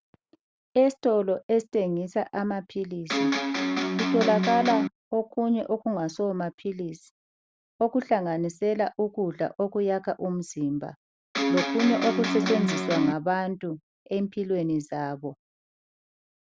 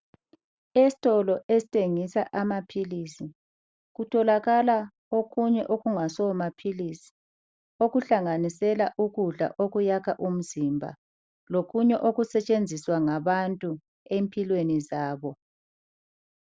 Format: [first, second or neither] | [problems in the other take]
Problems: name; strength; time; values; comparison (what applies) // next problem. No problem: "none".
second | background sound (Electric guitar); 2 dB above the speech